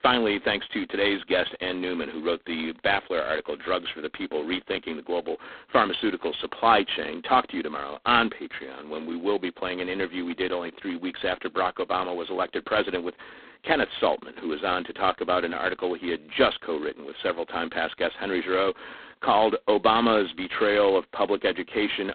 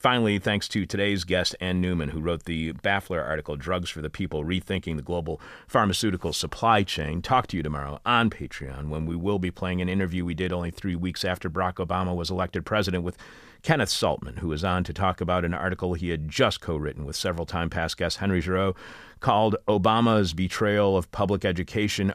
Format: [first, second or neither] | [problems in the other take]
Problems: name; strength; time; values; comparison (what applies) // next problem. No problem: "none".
second | phone-call audio; poor line; nothing above 3.5 kHz